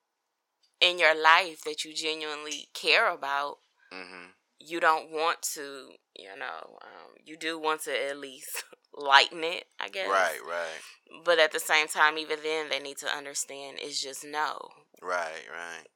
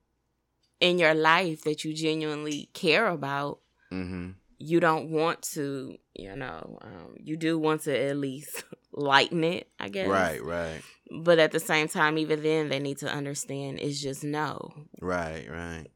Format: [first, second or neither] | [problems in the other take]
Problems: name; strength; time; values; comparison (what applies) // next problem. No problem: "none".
second | thin; very; fading below 750 Hz